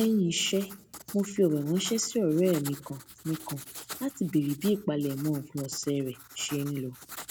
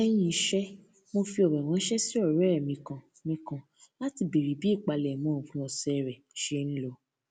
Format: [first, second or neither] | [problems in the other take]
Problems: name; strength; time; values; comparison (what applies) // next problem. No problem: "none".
second | background sound (Writing); 16 dB below the speech